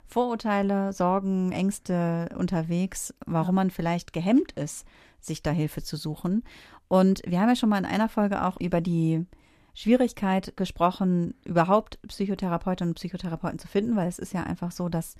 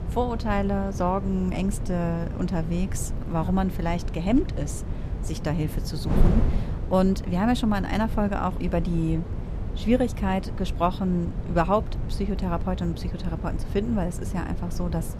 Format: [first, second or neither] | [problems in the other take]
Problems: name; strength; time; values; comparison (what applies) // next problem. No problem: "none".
first | wind noise on the microphone; occasional gusts; 10 dB below the speech